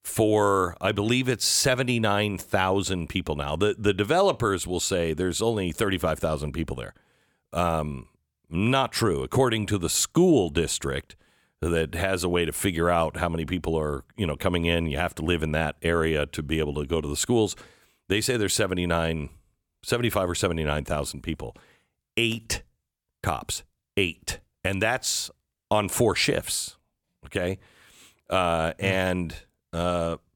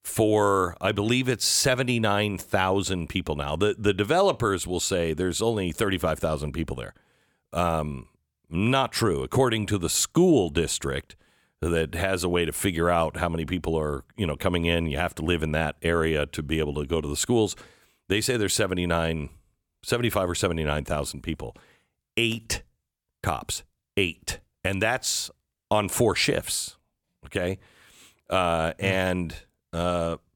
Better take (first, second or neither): neither